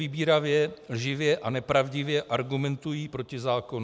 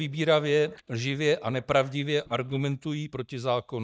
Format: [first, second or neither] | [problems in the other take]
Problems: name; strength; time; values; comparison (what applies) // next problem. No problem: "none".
first | noise reduction (neural mask model DeepFilterNet 3)